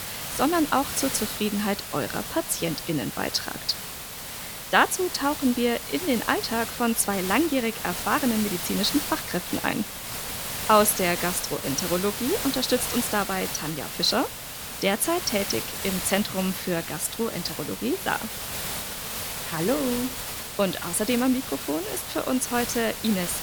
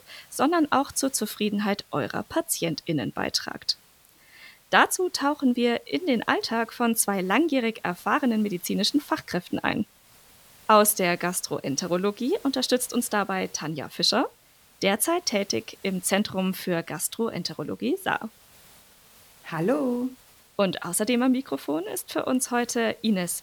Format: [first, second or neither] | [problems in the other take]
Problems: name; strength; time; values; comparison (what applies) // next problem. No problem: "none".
second | hiss; loud; throughout; 5 dB below the speech; faint in the second